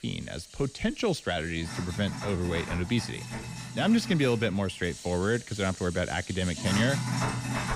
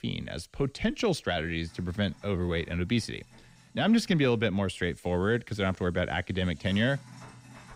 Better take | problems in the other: second | household noises; loud; throughout; 7 dB below the speech; faint in the second

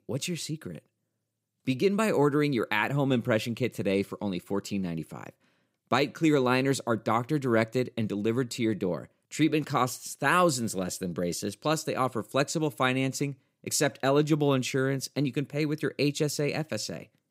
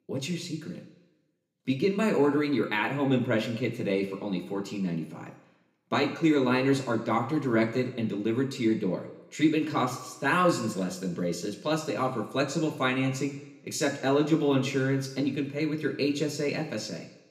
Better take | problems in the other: first | room echo; slight; dies away in 0.9 s // off-mic speech; somewhat distant

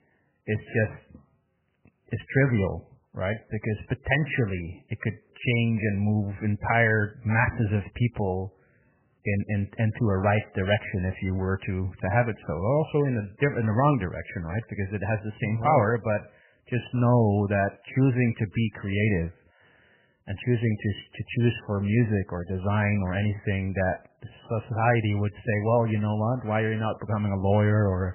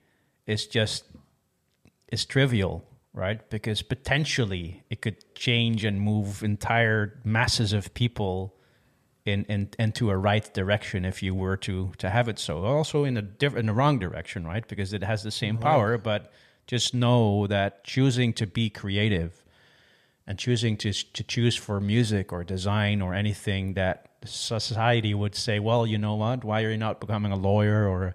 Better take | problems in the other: second | garbled, watery; badly; nothing above 3 kHz

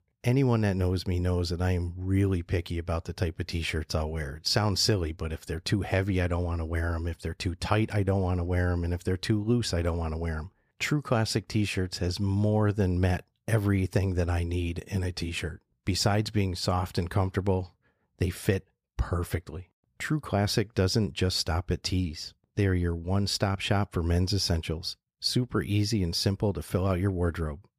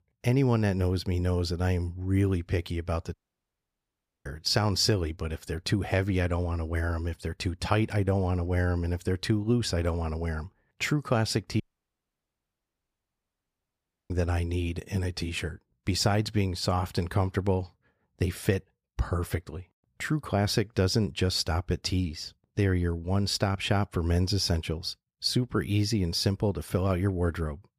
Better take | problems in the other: first | audio cutting out; at 3 s for 1 s and at 12 s for 2.5 s

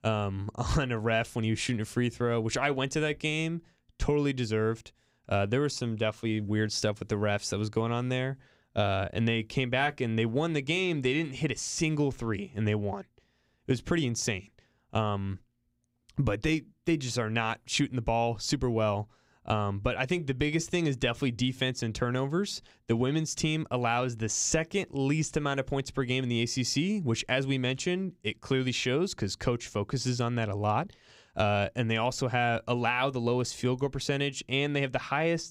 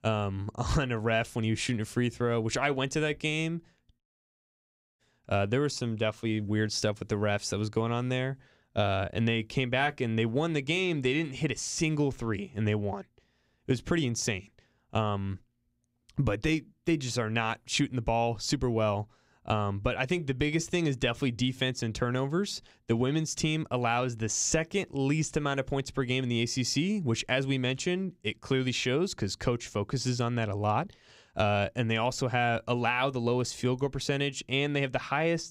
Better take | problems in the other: first | audio cutting out; at 4 s for 1 s

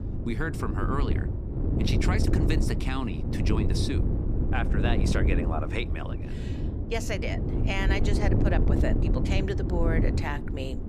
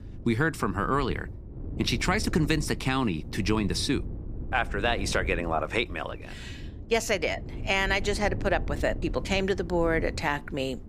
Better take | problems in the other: second | wind noise on the microphone; heavy; 3 dB below the speech; occasional gusts in the second

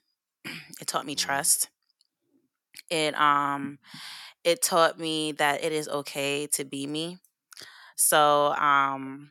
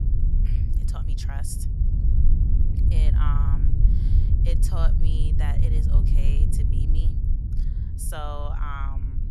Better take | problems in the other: first | low rumble; loud; throughout; 3 dB below the speech

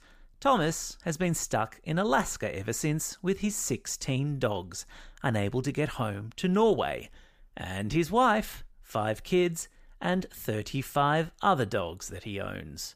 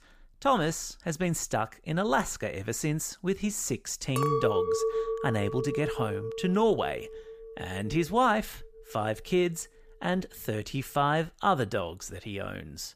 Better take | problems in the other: first | clattering dishes; loud; from 4 to 8 s; peak 3 dB above the speech

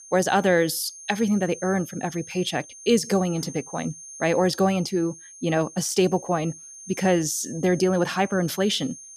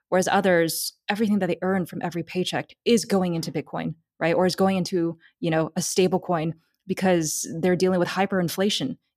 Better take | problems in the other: second | high-pitched whine; noticeable; throughout; 6.5 kHz, 15 dB below the speech

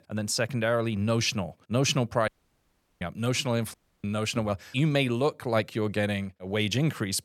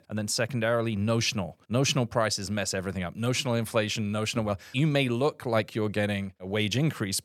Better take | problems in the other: second | audio cutting out; at 2.5 s for 0.5 s and at 3.5 s

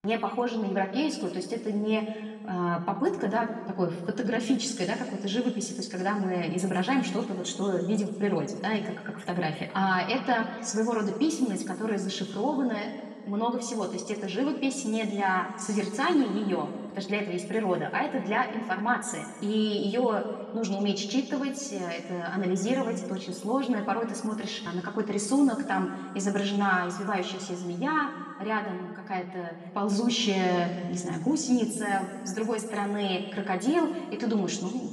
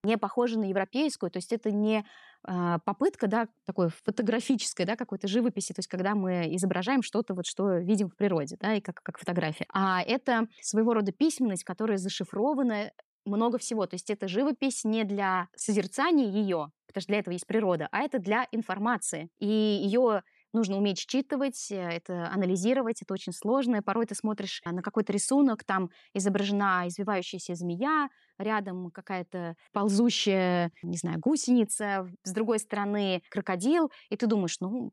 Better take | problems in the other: second | room echo; slight; dies away in 1.9 s // off-mic speech; somewhat distant

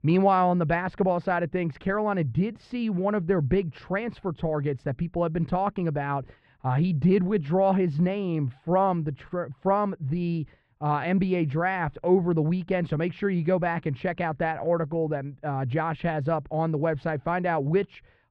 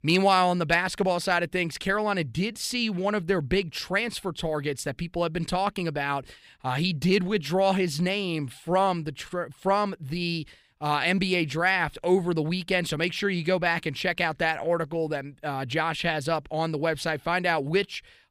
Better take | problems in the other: second | muffled; very; fading above 1.5 kHz

